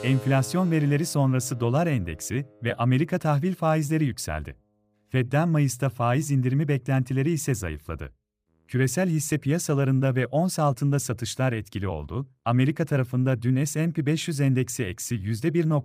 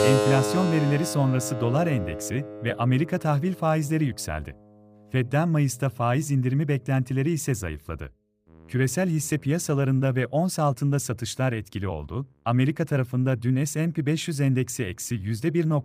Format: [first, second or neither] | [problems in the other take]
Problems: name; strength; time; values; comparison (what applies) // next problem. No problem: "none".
first | background music; loud; throughout; 5 dB below the speech; faint in the first